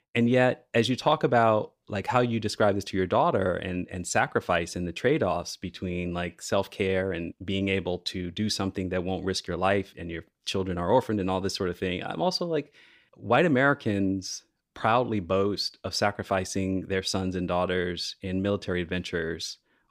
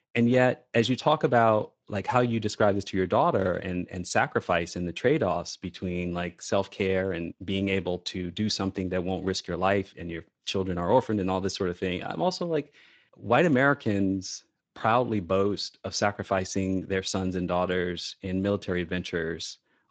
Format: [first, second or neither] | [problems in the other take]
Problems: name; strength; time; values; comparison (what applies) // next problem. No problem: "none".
first | garbled, watery; slightly; nothing above 7.5 kHz